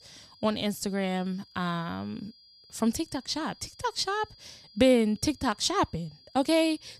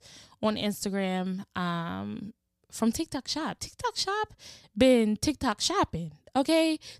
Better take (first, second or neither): second